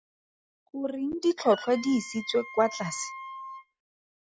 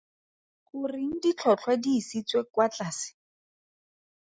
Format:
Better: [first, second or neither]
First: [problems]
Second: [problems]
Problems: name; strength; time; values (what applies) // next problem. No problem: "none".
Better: second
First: background sound (Wind instrument, woodwind instrument); 13 dB below the speech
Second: none